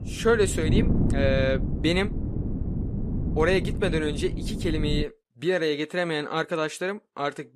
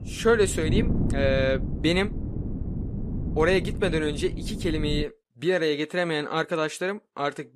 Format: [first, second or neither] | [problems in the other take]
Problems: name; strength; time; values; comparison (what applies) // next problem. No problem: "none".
second | wind noise on the microphone; heavy; until 5 s; 10 dB below the speech; occasional gusts in the second